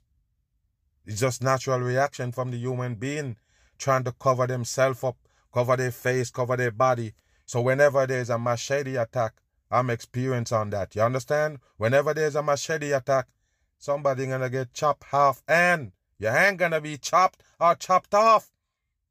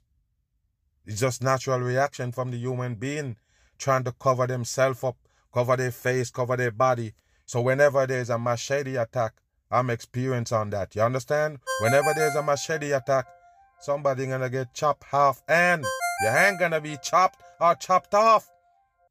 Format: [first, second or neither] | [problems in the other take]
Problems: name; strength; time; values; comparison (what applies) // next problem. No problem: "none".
first | phone ringing; noticeable; from 12 to 17 s; peak 2 dB below the speech